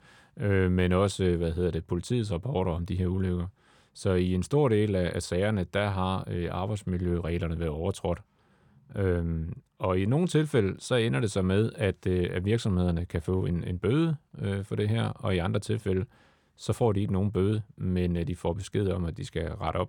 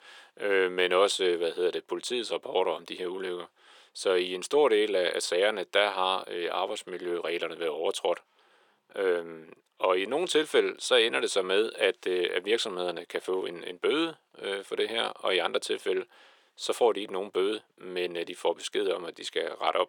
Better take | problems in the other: first | thin; very; fading below 400 Hz

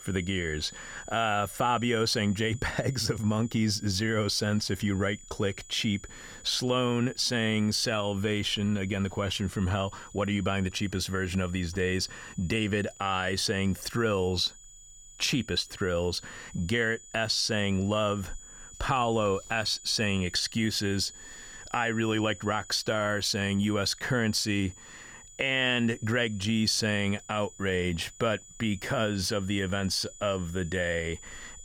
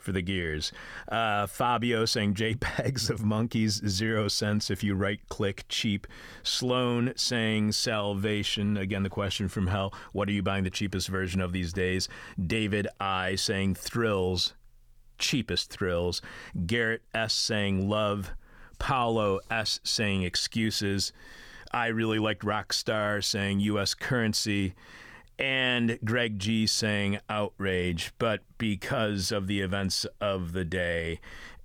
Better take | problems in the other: second | high-pitched whine; noticeable; throughout; 7 kHz, 20 dB below the speech

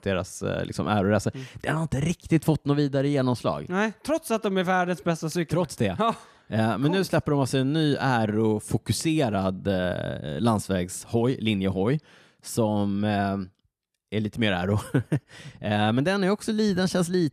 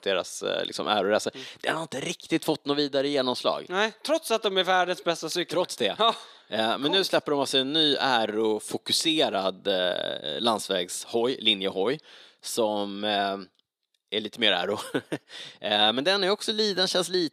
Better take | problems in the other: first | thin; somewhat; fading below 400 Hz

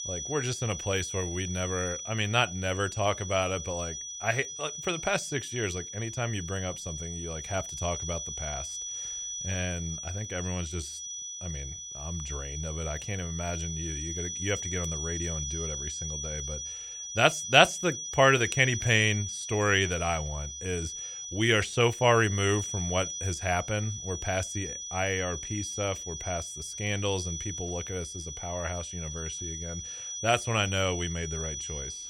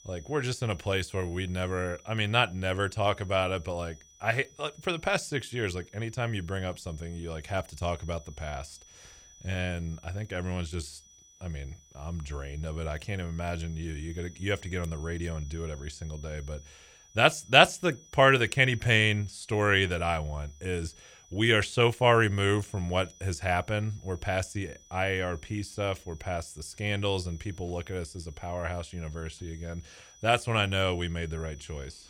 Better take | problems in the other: second | high-pitched whine; loud; throughout; 6 kHz, 6 dB below the speech; faint in the second

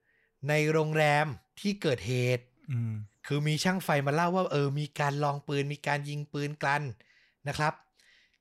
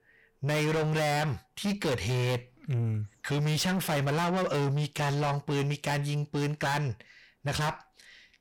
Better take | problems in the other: first | distortion; heavy; 6 dB below the speech

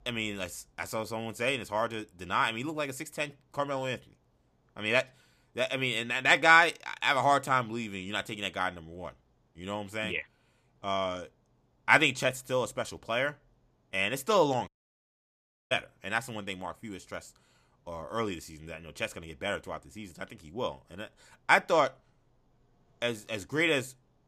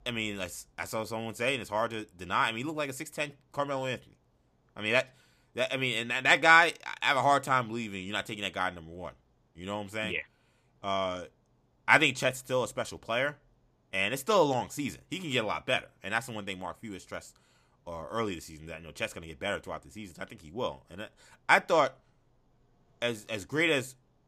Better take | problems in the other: second | audio cutting out; at 15 s for 1 s

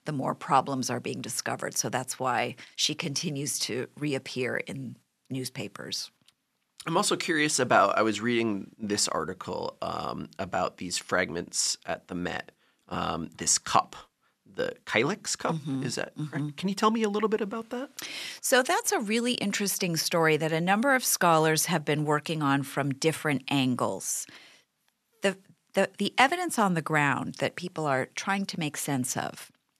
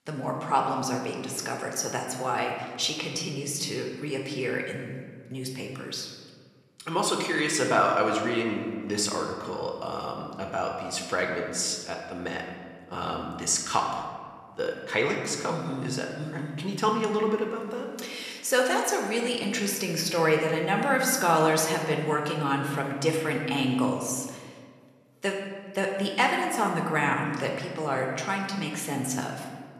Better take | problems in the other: first | room echo; noticeable; dies away in 1.4 s

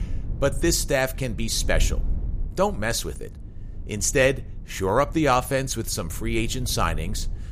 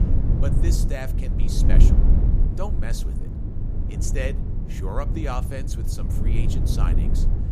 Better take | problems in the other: first | low rumble; loud; throughout; 3 dB below the speech; faint in the first

